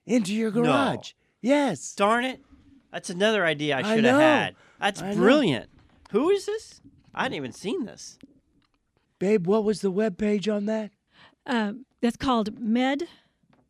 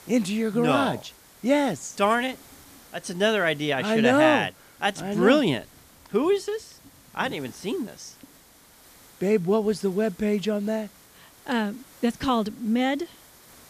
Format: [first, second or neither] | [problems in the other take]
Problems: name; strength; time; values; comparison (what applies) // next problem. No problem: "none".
first | hiss; faint; throughout; 25 dB below the speech